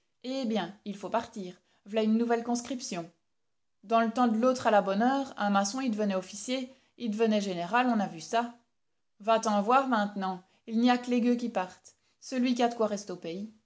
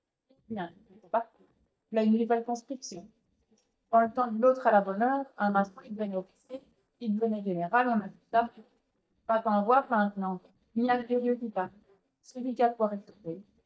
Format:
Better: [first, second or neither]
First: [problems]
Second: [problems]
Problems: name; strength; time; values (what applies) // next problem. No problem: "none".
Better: first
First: none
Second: noise reduction (neural mask model DeepFilterNet 3)